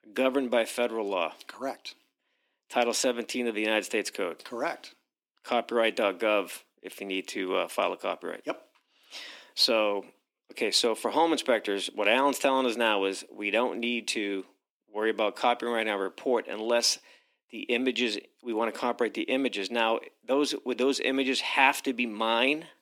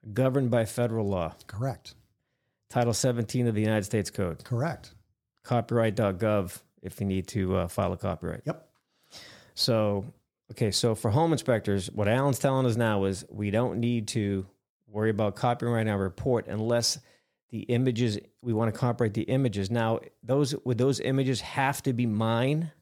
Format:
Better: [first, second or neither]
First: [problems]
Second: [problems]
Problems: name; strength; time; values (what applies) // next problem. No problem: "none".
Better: second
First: thin; somewhat; fading below 250 Hz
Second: none